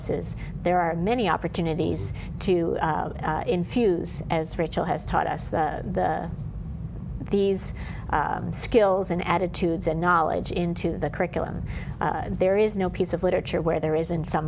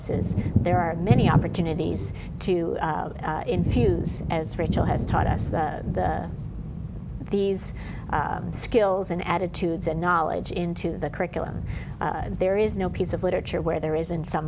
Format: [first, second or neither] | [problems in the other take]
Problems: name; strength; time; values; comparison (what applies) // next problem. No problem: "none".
first | background sound (Thunder); 4 dB below the speech